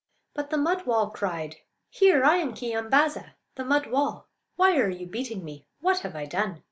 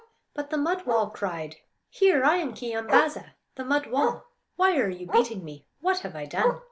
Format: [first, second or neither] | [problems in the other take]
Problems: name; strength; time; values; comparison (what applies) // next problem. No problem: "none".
first | background sound (Bark); 5 dB below the speech